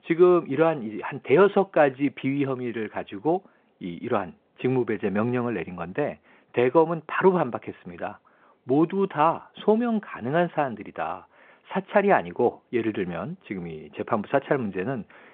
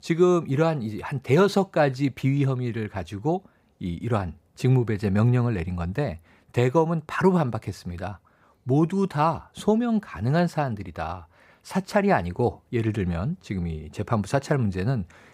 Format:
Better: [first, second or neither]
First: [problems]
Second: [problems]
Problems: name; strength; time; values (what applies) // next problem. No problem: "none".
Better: second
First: phone-call audio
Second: none